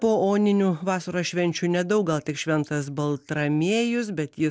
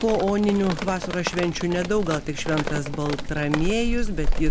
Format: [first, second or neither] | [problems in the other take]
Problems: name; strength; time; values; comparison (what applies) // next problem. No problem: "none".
first | background sound (Drip); 2 dB below the speech